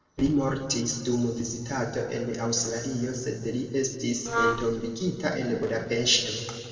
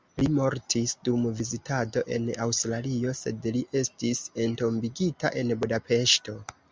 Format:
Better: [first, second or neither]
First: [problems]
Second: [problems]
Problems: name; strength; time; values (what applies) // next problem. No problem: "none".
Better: second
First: noise reduction (neural separator model SepFormer DNS4)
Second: none